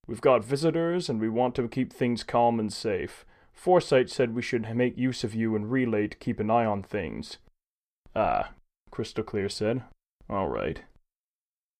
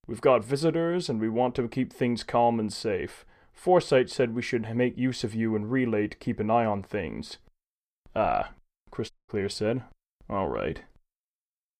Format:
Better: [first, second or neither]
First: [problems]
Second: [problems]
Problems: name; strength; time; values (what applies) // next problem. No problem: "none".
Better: first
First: none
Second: audio cutting out; at 9 s